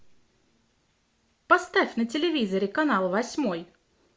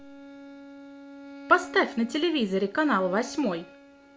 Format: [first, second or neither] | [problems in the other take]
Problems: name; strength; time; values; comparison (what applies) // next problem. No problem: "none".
first | background sound (Bowed string instrument); 17 dB below the speech